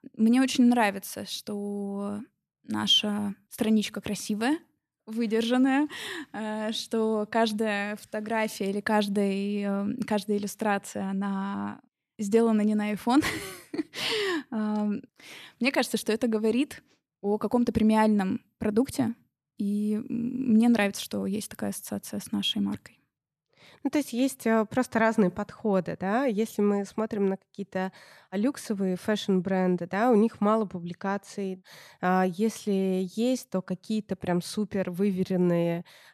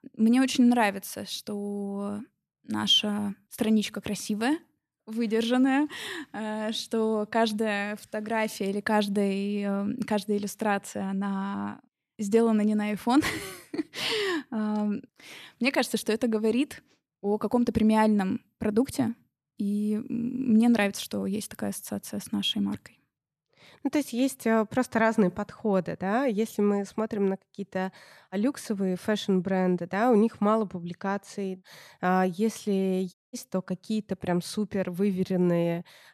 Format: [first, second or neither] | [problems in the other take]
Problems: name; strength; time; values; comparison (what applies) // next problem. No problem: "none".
first | audio cutting out; at 33 s